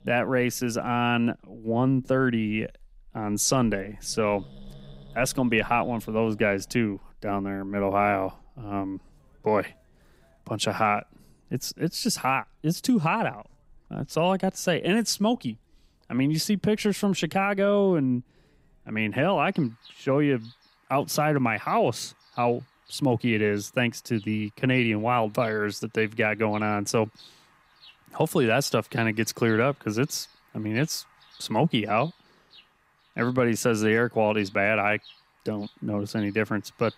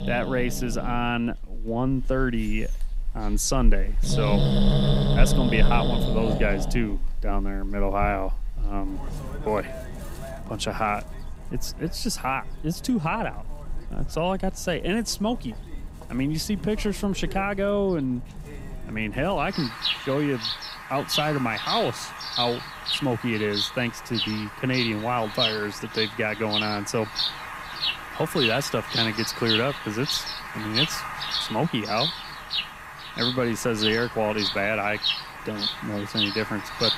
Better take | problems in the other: first | animal sounds; loud; throughout; 1 dB below the speech; faint in the first

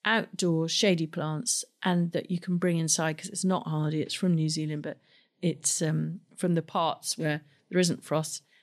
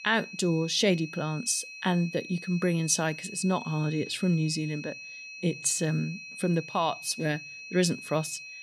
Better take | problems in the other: first | high-pitched whine; noticeable; throughout; 2.5 kHz, 10 dB below the speech

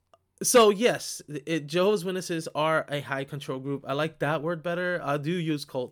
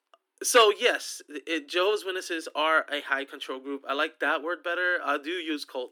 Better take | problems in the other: first | thin; somewhat; fading below 300 Hz

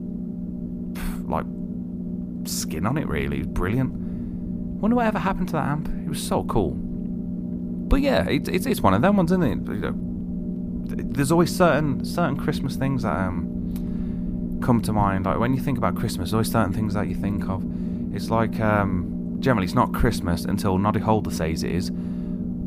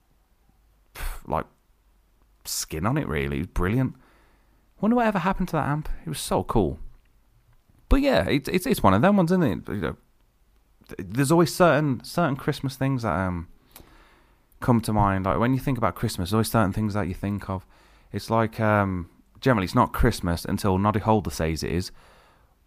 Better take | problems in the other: second | low rumble; noticeable; throughout; 10 dB below the speech

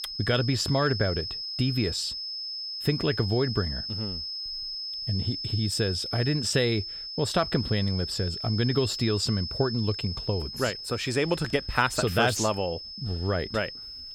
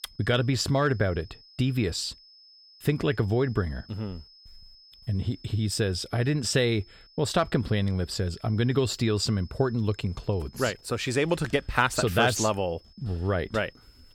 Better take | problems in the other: second | high-pitched whine; loud; throughout; 5 kHz, 5 dB below the speech; faint in the second

